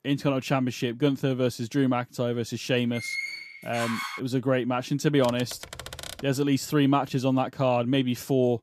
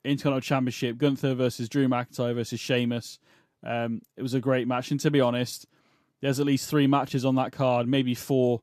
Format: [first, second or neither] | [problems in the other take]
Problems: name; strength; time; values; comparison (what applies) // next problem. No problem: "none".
second | door banging; noticeable; from 3 to 4 s; peak 4 dB below the speech // keyboard typing; faint; at 5 s; peak 10 dB below the speech